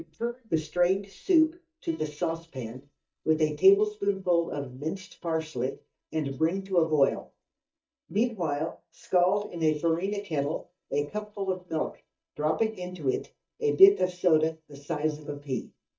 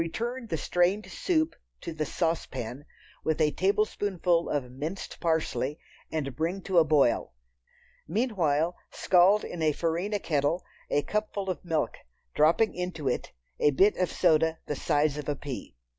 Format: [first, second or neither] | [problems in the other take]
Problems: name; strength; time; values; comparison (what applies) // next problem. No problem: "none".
second | noise reduction (neural mask model DeepFilterNet 3)